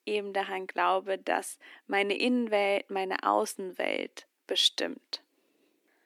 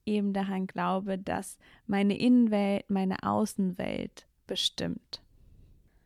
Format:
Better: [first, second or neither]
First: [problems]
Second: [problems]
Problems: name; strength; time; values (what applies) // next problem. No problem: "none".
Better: second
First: thin; somewhat; fading below 300 Hz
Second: none